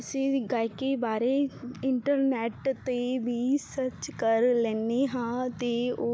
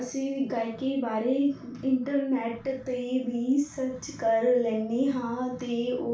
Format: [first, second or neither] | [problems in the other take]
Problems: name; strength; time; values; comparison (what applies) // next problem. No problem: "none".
first | room echo; dies away in 0.3 s